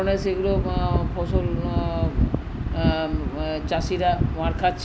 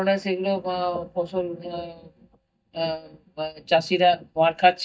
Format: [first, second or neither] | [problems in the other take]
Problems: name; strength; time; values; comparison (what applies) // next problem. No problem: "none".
first | noise reduction (neural mask model DeepFilterNet 3)